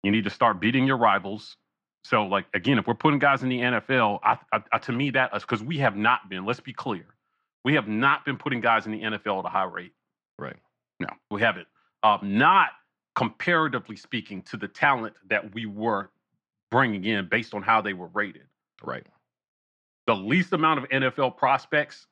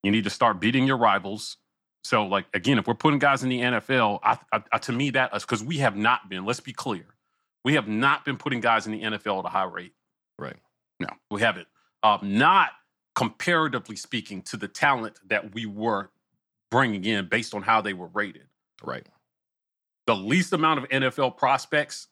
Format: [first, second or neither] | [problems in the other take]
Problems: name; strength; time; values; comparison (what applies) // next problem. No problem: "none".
second | muffled; slightly; fading above 2.5 kHz